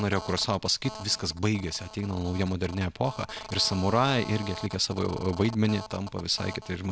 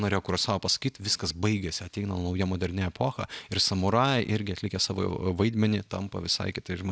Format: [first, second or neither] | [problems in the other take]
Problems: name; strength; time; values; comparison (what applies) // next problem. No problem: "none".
second | background sound (Telephone); 14 dB below the speech